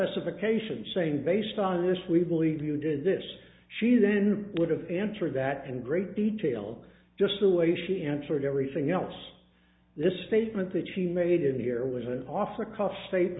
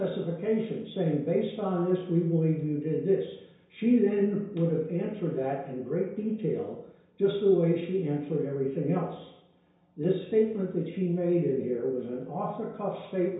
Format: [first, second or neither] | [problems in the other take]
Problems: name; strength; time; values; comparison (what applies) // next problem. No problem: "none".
first | room echo; dies away in 0.6 s